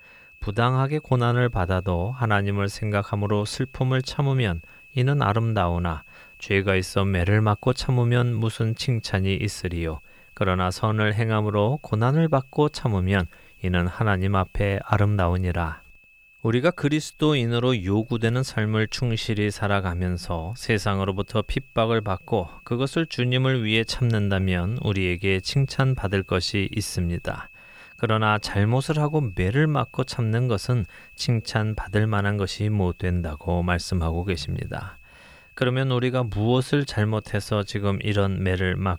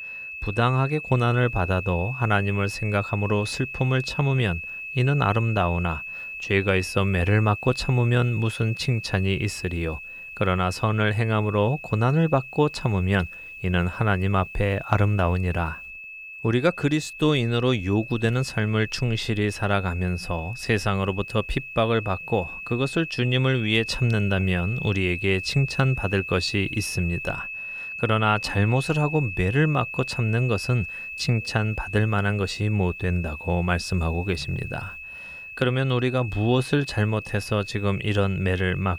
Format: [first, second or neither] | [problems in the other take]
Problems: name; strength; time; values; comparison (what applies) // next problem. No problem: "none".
first | high-pitched whine; loud; throughout; 2.5 kHz, 10 dB below the speech; faint in the first